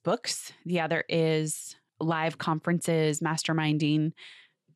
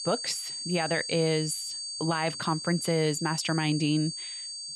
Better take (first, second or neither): first